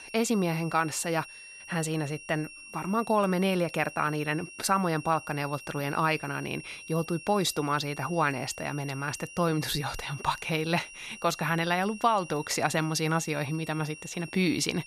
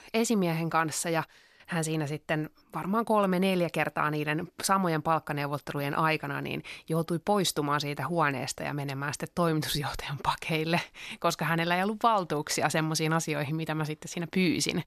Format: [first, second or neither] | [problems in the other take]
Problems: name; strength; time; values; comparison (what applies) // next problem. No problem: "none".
second | high-pitched whine; noticeable; throughout; 2.5 kHz, 15 dB below the speech